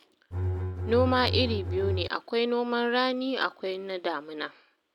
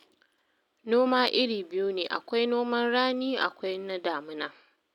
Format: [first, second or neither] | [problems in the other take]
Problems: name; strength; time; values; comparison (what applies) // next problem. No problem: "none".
second | background sound (Bowed string instrument); 1 dB below the speech